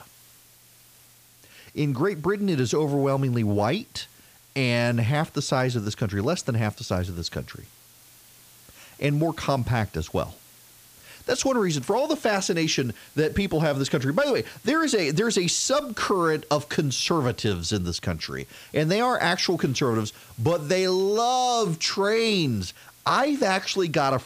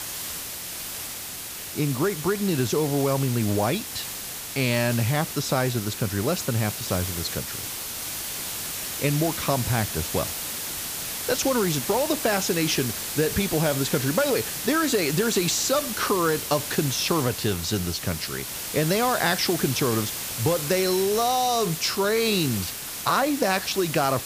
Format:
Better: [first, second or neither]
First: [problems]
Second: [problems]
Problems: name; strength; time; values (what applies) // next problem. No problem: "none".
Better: first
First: hiss; faint; throughout; 25 dB below the speech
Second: hiss; loud; throughout; 5 dB below the speech